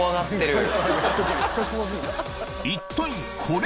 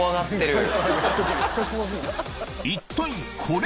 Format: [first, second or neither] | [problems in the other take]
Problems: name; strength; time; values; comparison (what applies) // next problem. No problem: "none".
second | background sound (Wind instrument, woodwind instrument); 13 dB below the speech